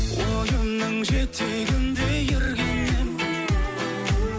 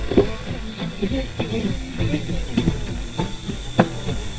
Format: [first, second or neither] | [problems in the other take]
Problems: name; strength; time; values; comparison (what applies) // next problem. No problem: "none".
first | noise reduction (neural mask model DeepFilterNet 3)